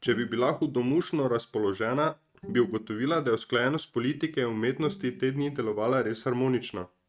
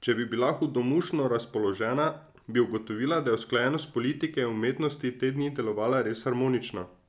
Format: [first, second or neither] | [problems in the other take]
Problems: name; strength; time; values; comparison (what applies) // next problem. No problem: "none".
second | noise reduction (neural mask model RNNoise)